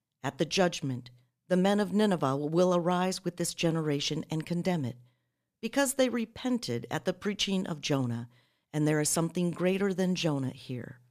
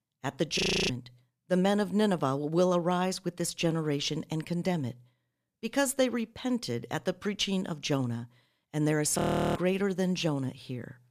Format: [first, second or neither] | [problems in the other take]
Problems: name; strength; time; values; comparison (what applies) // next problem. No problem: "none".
first | audio freezing; at 0.5 s and at 9 s